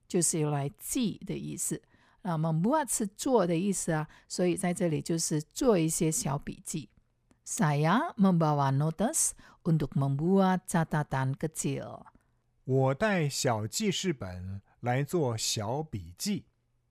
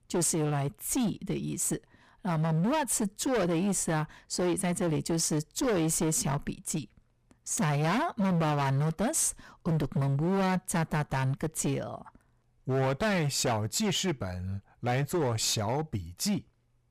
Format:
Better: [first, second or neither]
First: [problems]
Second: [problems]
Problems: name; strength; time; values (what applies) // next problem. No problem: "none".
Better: first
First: none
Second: distortion; heavy; 19% of the sound clipped